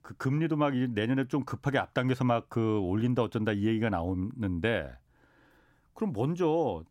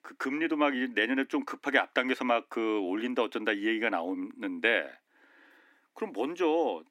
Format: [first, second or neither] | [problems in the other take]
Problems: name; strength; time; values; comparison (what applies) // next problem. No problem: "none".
first | thin; somewhat; fading below 250 Hz